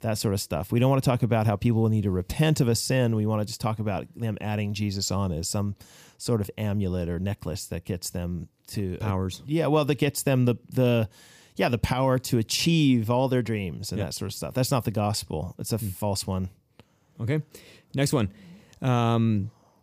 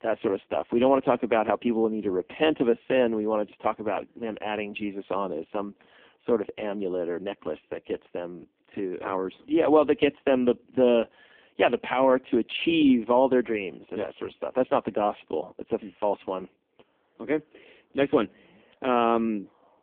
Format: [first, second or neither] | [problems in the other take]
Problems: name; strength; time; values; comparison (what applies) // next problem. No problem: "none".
first | phone-call audio; poor line